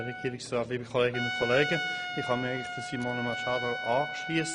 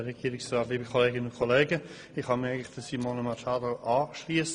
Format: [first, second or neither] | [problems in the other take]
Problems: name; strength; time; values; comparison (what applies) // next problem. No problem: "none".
second | background sound (Trumpet); 5 dB below the speech